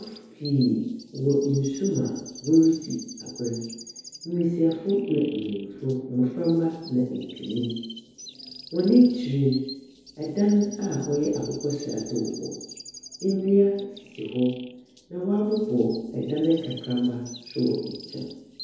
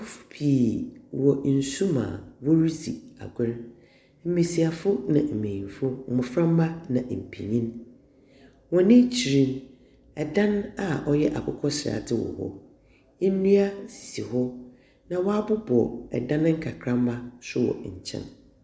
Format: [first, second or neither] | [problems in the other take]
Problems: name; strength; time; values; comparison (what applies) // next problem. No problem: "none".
second | background sound (Chirp, tweet); 19 dB below the speech // room echo; dies away in 1.9 s